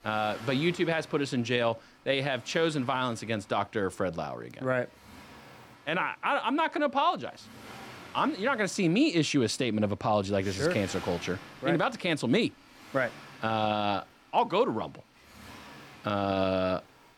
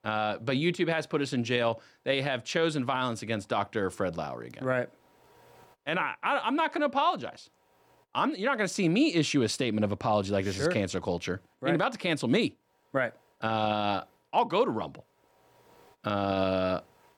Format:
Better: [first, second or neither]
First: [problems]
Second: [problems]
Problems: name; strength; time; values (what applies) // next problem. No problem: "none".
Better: second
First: traffic noise; noticeable; throughout; 20 dB below the speech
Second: none